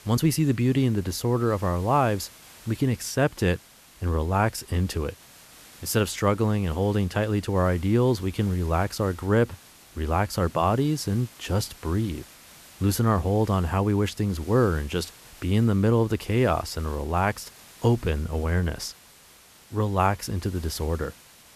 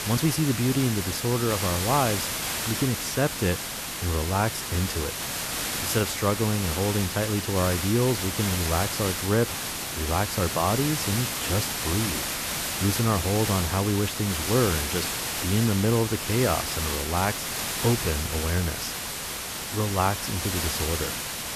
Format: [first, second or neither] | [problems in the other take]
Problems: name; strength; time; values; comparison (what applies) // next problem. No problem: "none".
first | hiss; loud; throughout; 2 dB below the speech; faint in the first